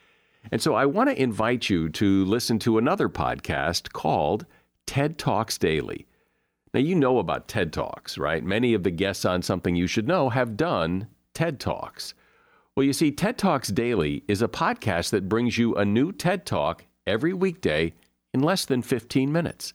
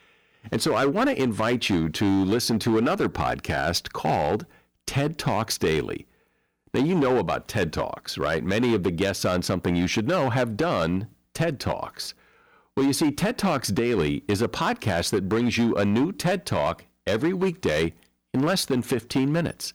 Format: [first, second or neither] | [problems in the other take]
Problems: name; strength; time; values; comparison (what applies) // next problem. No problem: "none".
first | distortion; slight; 9% of the sound clipped